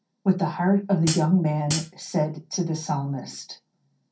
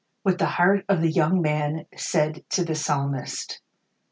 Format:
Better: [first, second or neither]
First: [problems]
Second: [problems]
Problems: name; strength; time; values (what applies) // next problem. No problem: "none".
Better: second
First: background sound (Hi-hat); 7 dB below the speech // room echo; dies away in 0.3 s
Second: none